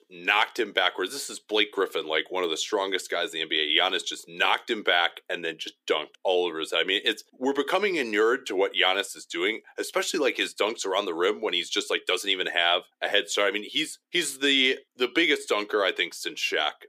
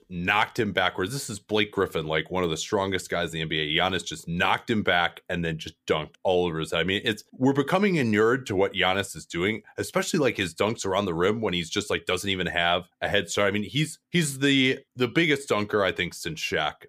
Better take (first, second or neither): second